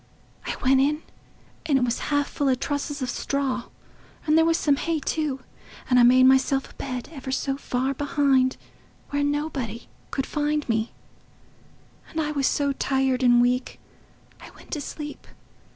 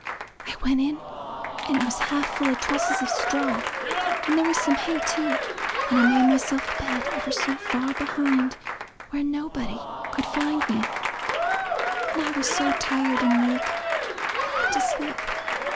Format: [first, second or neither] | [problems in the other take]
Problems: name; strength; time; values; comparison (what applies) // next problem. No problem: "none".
first | background sound (Applause / Crowd); 1 dB below the speech